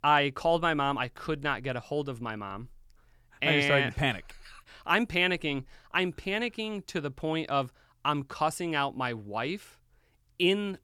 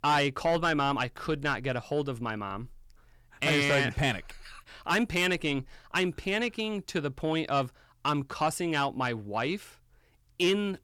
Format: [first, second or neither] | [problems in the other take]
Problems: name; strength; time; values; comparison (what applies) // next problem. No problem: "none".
first | distortion; slight; 10 dB below the speech